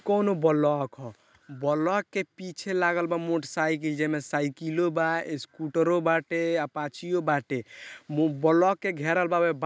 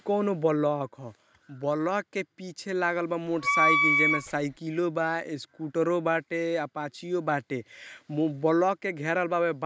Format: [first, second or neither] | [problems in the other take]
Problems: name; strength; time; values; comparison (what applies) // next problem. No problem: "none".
first | background sound (Wind instrument, woodwind instrument); 4 dB above the speech